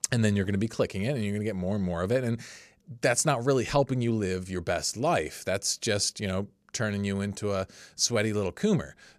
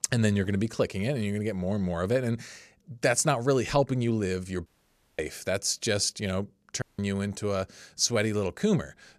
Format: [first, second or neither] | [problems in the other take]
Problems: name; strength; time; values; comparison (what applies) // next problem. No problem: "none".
first | audio cutting out; at 4.5 s for 0.5 s and at 7 s